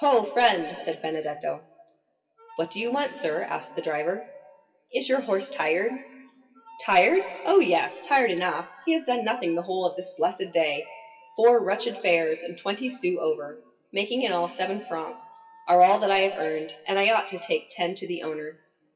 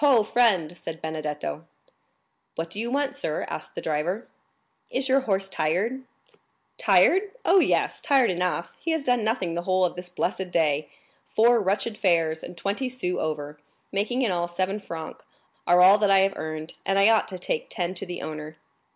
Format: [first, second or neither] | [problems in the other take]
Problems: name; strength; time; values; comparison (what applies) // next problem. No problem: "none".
second | noise reduction (classical method WPE with log-MMSE)